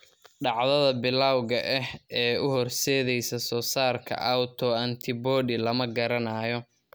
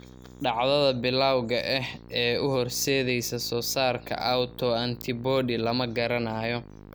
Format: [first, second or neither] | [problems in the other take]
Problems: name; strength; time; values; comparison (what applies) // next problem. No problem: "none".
first | background sound (Musical instrument); 19 dB below the speech